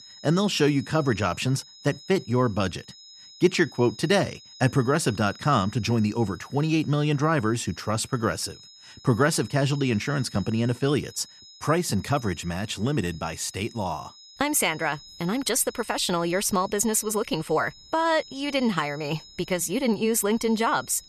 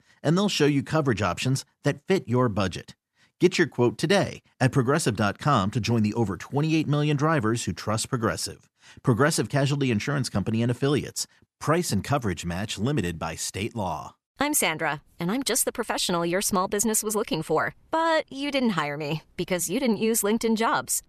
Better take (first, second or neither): second